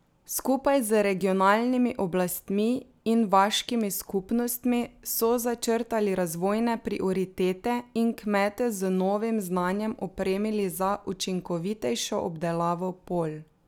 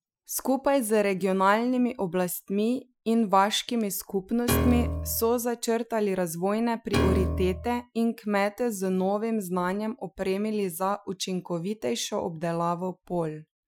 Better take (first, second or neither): first